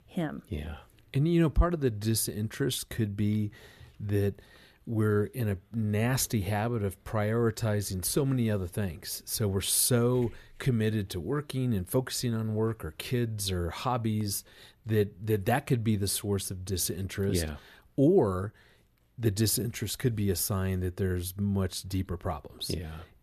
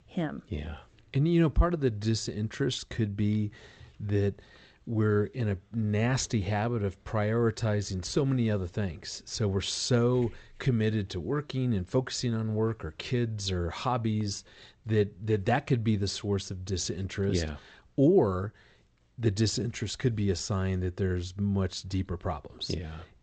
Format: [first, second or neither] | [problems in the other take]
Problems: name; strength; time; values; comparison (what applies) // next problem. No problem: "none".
first | garbled, watery; slightly; nothing above 8 kHz